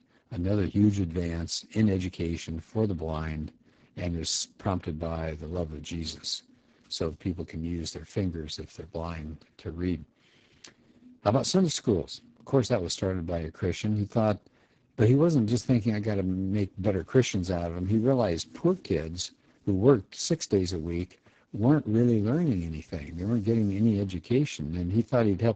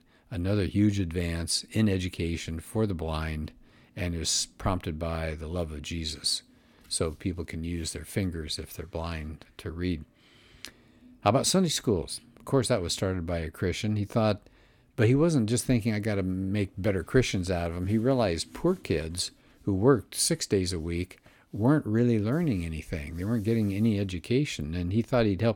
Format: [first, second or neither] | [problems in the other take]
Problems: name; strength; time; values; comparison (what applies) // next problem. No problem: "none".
second | garbled, watery; badly; nothing above 8 kHz